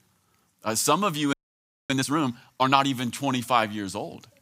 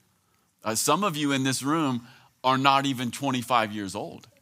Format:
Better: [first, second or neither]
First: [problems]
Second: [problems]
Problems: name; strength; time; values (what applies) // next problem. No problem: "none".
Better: second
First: audio freezing; at 1.5 s for 0.5 s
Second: none